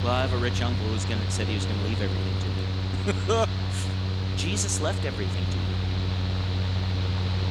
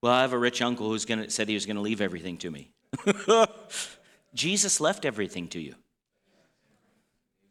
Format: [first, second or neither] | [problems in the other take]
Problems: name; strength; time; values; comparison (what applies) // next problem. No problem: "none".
second | machinery noise; very loud; throughout; 3 dB above the speech